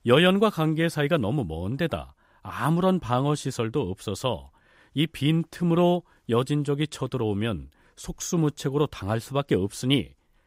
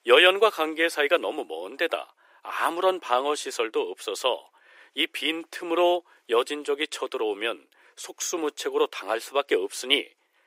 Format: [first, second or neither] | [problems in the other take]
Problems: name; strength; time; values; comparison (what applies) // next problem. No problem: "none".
first | thin; very; fading below 350 Hz